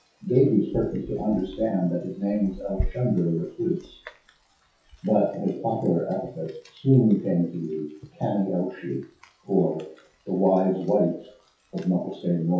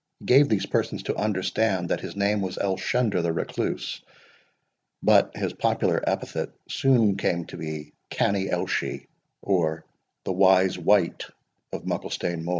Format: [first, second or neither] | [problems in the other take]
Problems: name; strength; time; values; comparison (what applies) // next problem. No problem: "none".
second | noise reduction (classical method WPE with log-MMSE)